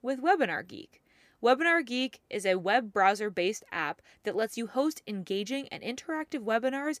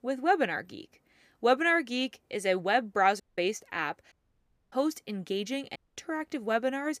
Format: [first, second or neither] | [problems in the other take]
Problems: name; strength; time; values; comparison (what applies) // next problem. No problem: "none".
first | audio cutting out; at 3 s, at 4 s for 0.5 s and at 6 s